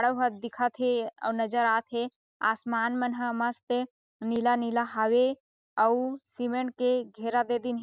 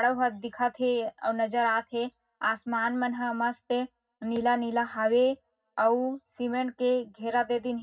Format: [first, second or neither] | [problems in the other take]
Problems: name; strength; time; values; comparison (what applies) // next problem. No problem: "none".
first | room echo; dies away in 0.4 s